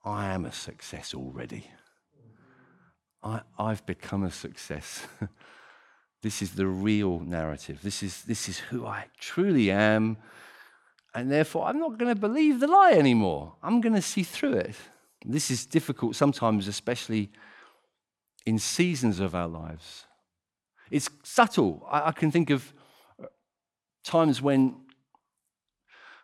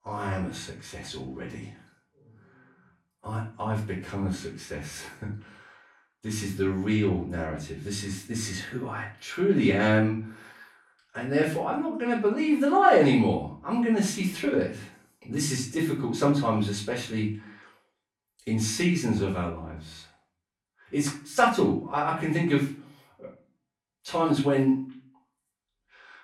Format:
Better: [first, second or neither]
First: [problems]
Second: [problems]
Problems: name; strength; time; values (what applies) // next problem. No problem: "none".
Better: first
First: none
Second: room echo; slight; dies away in 0.3 s // off-mic speech; far